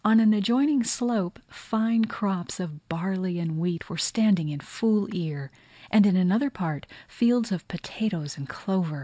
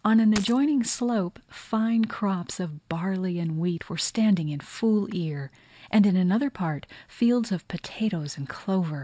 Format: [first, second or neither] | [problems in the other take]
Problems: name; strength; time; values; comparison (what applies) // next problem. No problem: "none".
first | background sound (Coin (dropping)); 10 dB below the speech